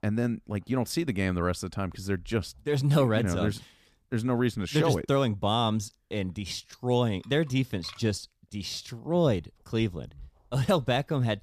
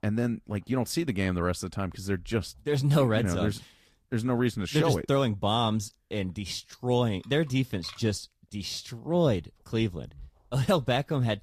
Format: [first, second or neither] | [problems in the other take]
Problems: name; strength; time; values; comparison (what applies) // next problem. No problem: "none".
first | garbled, watery; slightly; nothing above 14.5 kHz